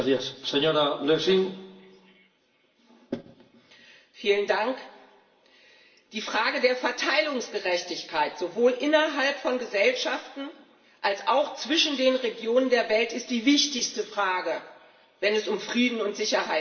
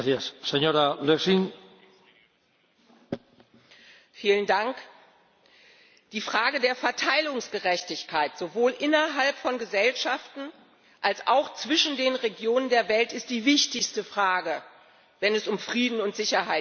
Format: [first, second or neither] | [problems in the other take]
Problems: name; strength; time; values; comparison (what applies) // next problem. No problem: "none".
second | room echo; dies away in 0.8 s